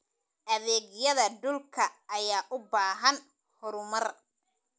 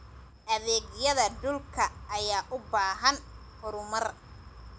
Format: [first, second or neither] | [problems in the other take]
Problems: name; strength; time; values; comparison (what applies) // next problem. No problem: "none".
first | background sound (Wind); 16 dB below the speech